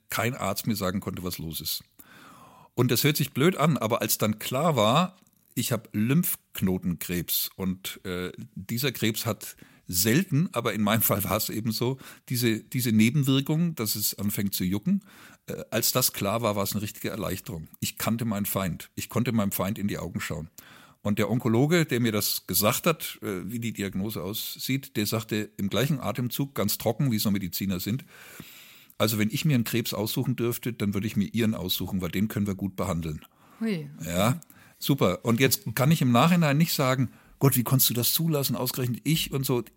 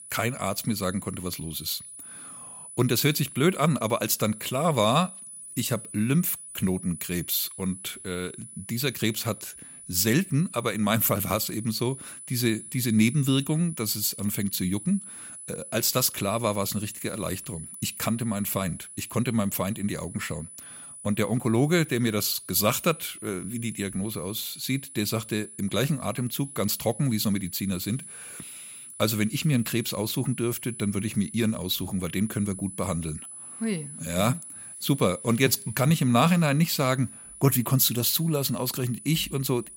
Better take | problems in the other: first | high-pitched whine; noticeable; throughout; 10 kHz, 15 dB below the speech

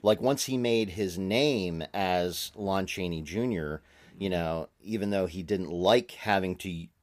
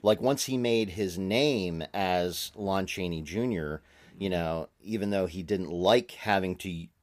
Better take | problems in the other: neither | none

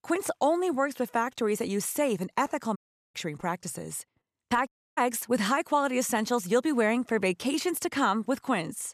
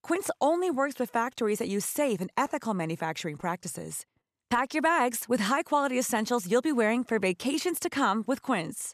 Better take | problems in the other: second | audio cutting out; at 3 s and at 4.5 s

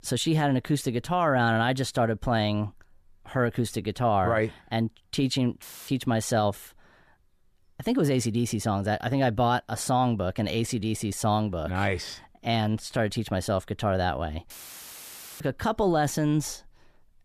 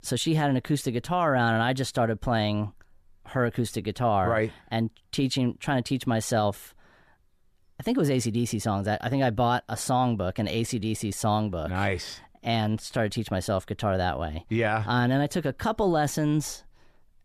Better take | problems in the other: second | audio cutting out; filled with static; at 5.5 s and at 15 s for 1 s

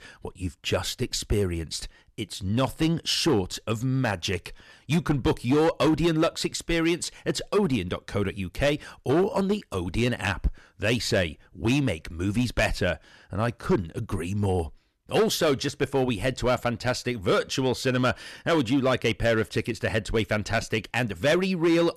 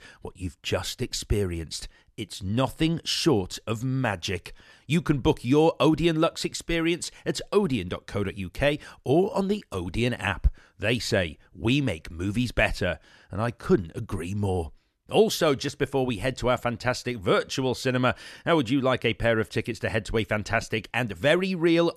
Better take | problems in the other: second | distortion; slight; 5% of the sound clipped

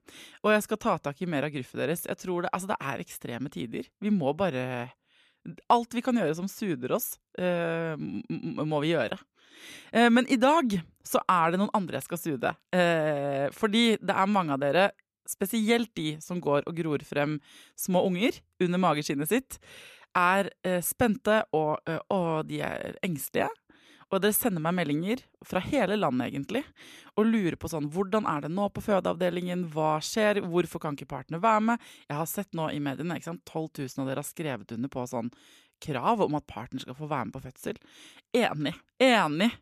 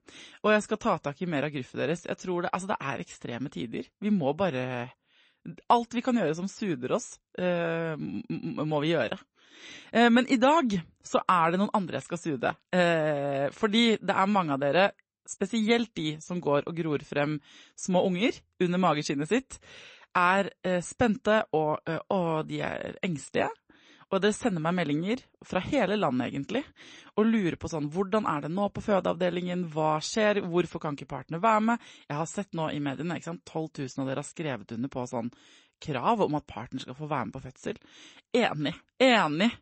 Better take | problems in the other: first | garbled, watery; slightly; nothing above 8 kHz

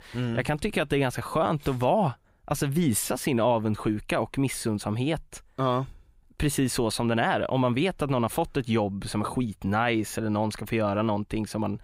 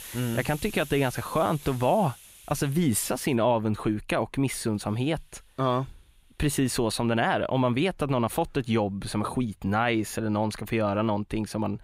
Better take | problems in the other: first | hiss; noticeable; until 3.5 s, from 4.5 to 7.5 s and from 8.5 s on; 20 dB below the speech

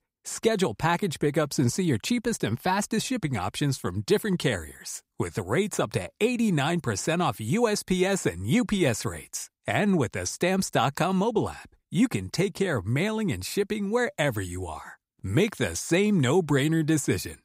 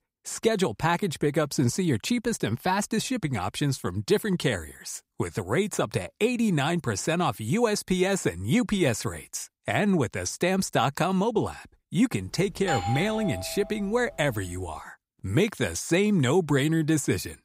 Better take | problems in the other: first | doorbell; noticeable; from 12 to 14 s; peak 4 dB below the speech

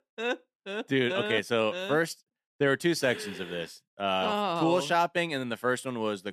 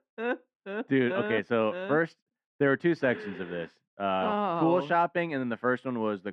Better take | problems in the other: first | muffled; very; fading above 1.5 kHz

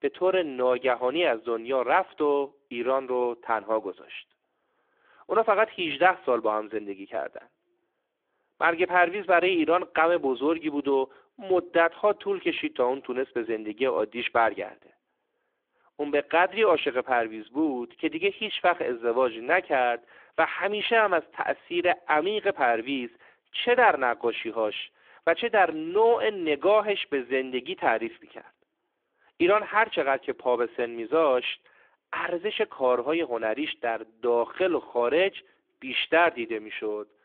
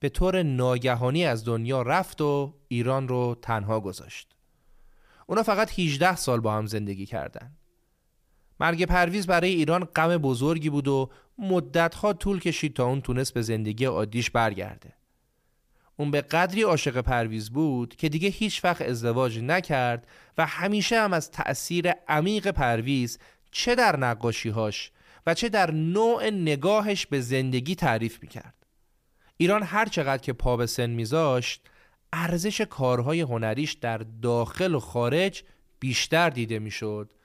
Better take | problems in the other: second | phone-call audio; nothing above 3.5 kHz

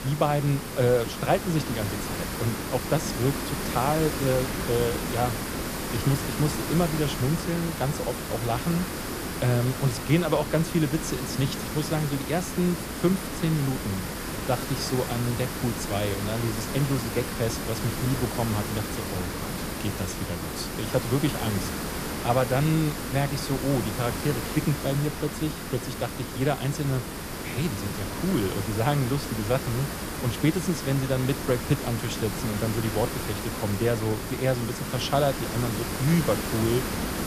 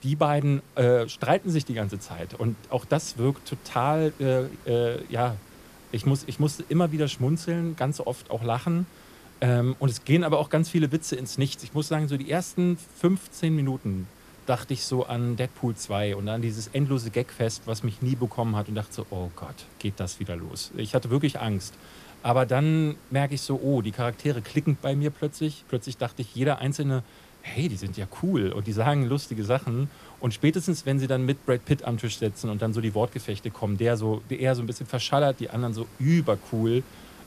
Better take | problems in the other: second | hiss; loud; throughout; 4 dB below the speech; faint in the second

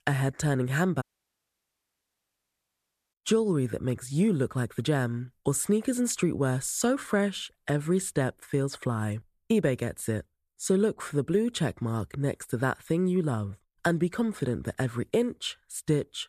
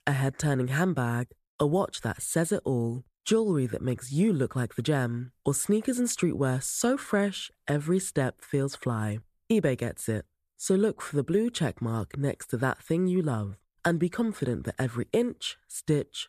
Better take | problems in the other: second | audio cutting out; at 1 s for 2 s

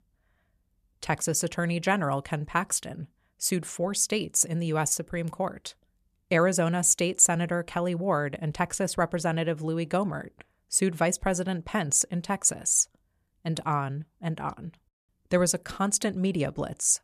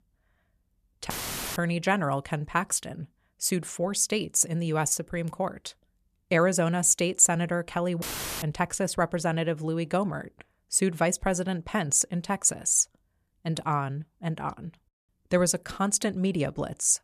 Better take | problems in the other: first | audio cutting out; filled with static; at 1 s and at 8 s

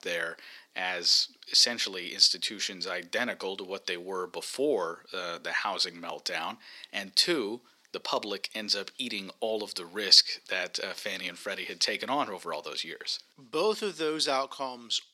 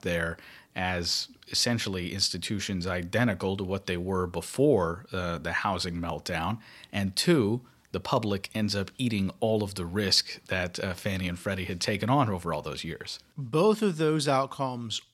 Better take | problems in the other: second | thin; somewhat; fading below 300 Hz

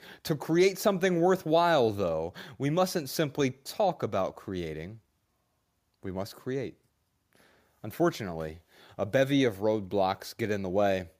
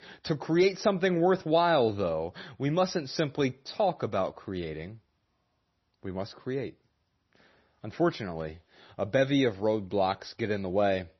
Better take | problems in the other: first | garbled, watery; slightly; nothing above 6 kHz

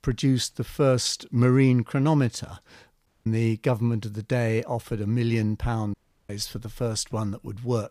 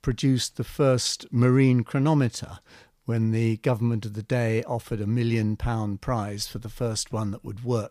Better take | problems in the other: second | audio cutting out; at 3 s and at 6 s

